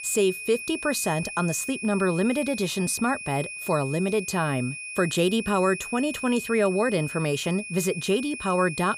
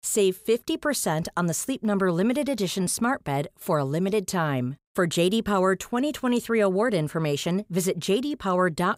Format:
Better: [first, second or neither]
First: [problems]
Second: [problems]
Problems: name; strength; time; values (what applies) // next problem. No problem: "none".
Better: second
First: high-pitched whine; loud; throughout; 2.5 kHz, 9 dB below the speech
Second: none